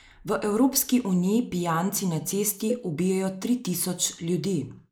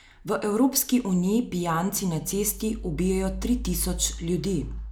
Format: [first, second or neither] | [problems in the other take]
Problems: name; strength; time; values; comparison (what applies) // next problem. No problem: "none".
second | noise reduction (neural mask model Resemble Enhance denoiser)